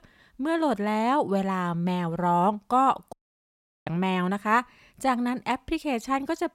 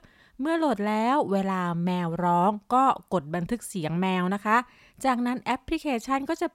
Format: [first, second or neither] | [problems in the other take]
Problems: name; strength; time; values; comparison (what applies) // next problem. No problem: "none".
second | audio cutting out; at 3 s for 0.5 s